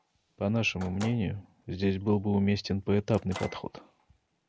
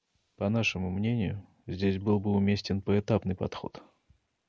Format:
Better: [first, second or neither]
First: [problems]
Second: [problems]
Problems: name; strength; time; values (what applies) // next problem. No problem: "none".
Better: second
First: background sound (Microwave oven); 19 dB below the speech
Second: none